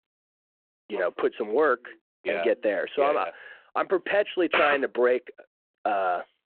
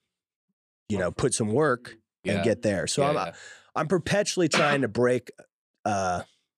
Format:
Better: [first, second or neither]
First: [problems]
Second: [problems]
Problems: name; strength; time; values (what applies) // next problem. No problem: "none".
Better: second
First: phone-call audio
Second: none